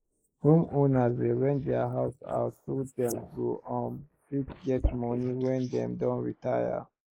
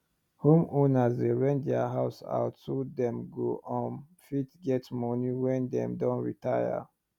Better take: second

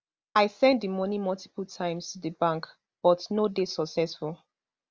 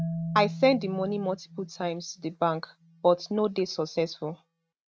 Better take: first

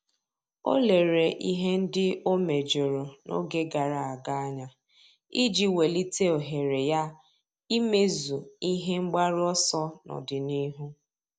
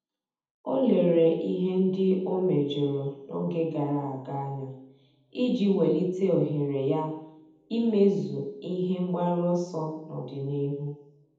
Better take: first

